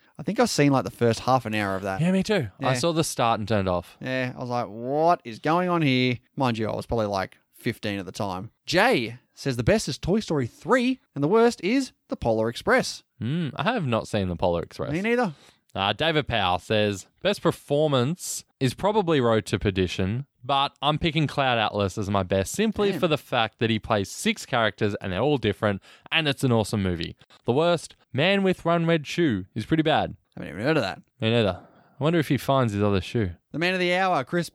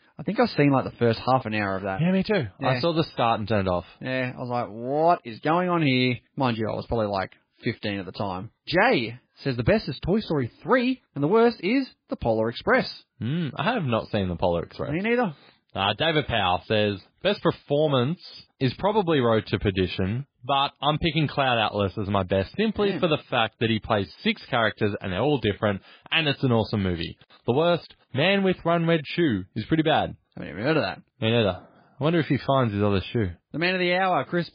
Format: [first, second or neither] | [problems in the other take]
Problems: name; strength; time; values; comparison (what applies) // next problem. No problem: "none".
first | garbled, watery; badly; nothing above 4 kHz